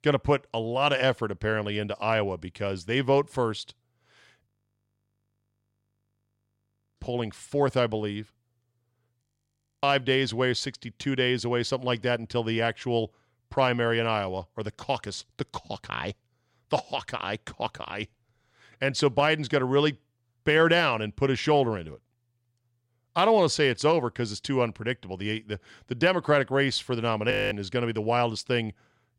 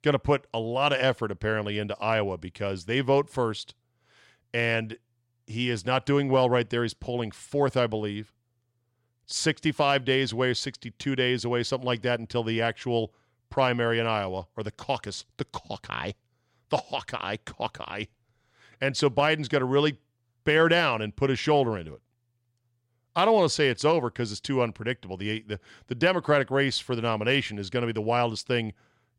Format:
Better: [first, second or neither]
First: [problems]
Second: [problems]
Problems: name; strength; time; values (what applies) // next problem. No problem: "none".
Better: second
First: audio freezing; at 4.5 s for 2.5 s, at 9 s for 0.5 s and at 27 s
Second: none